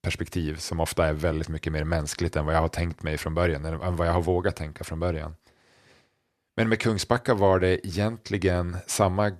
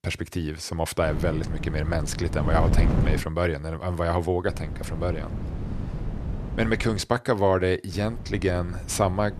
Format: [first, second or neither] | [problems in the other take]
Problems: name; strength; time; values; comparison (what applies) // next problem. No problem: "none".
first | wind noise on the microphone; occasional gusts; from 1 to 3 s, from 4.5 to 7 s and from 8 s on; 10 dB below the speech